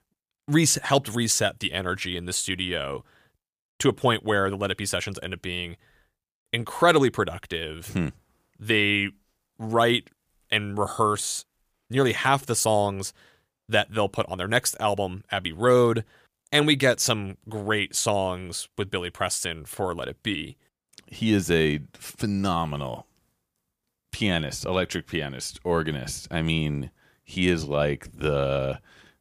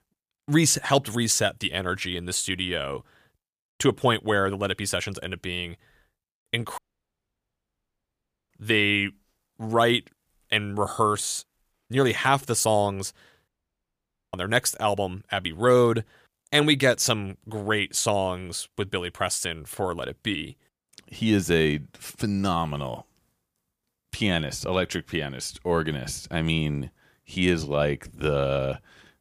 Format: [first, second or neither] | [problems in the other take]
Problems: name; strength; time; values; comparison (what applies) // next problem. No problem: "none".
first | audio cutting out; at 7 s for 1.5 s and at 13 s for 1 s